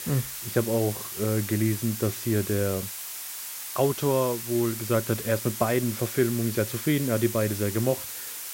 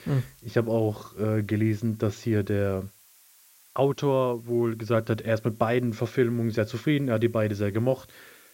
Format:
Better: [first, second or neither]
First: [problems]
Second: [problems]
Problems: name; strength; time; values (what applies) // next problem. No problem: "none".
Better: second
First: hiss; loud; throughout; 6 dB below the speech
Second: hiss; faint; throughout; 25 dB below the speech